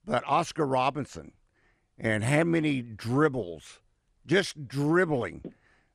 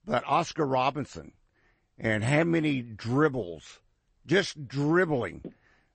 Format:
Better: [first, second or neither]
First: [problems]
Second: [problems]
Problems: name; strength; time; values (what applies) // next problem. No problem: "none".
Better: first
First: none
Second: garbled, watery; slightly; nothing above 8 kHz